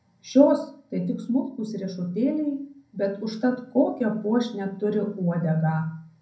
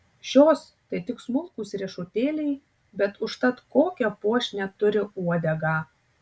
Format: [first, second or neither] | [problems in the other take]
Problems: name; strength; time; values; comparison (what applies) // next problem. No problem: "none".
second | room echo; dies away in 0.6 s